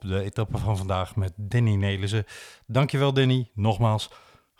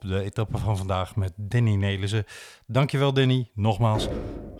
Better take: first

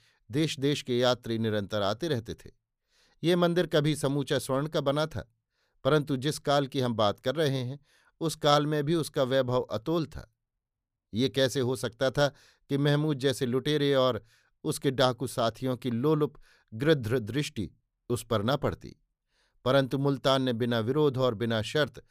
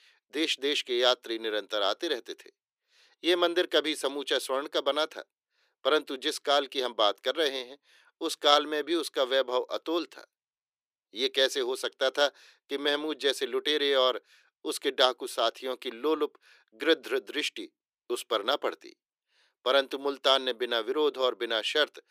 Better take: first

